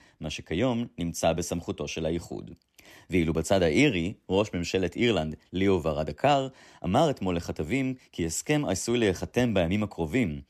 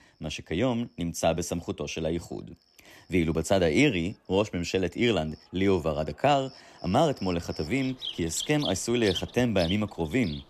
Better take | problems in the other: first | animal sounds; noticeable; throughout; 10 dB below the speech

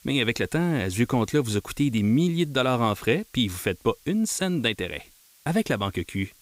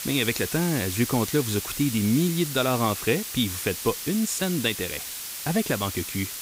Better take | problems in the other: first | hiss; loud; throughout; 6 dB below the speech; faint in the first

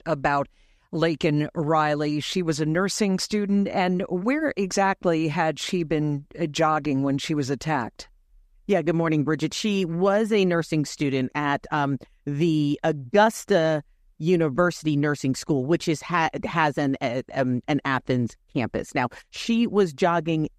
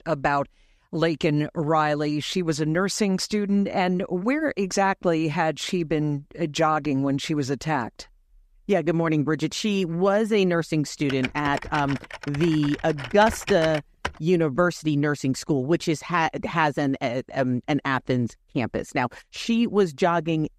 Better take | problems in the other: first | keyboard typing; noticeable; from 11 to 14 s; peak 8 dB below the speech

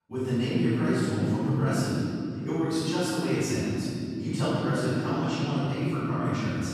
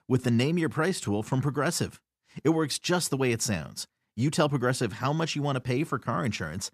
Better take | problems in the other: second | off-mic speech; far // room echo; strong; dies away in 3 s

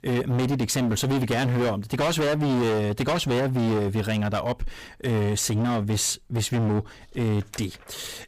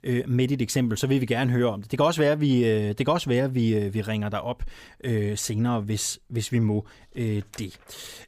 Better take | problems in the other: second | distortion; heavy; 29% of the sound clipped

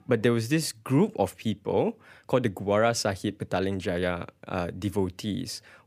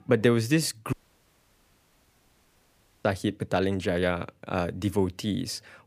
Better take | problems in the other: first | audio cutting out; at 1 s for 2 s

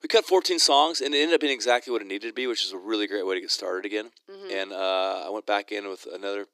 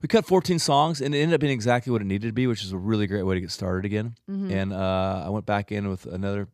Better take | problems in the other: second | thin; very; fading below 300 Hz

